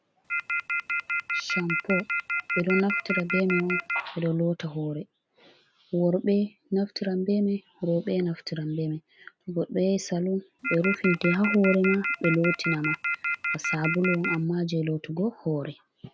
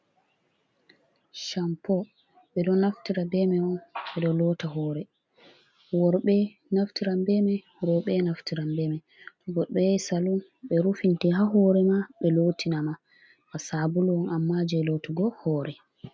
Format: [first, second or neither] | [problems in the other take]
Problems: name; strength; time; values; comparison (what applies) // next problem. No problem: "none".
second | background sound (Telephone); 2 dB below the speech